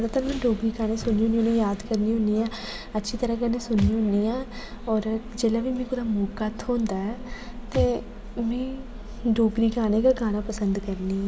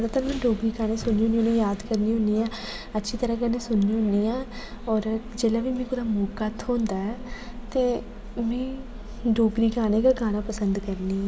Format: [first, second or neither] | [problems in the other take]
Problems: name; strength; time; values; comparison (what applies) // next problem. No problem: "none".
second | background sound (Thump, thud); 15 dB below the speech